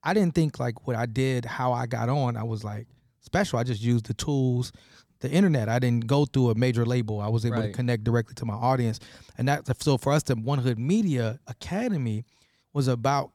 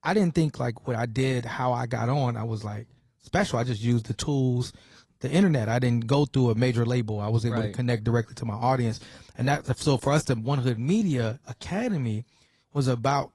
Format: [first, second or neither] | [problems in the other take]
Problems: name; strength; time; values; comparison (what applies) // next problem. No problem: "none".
first | garbled, watery; slightly; nothing above 11.5 kHz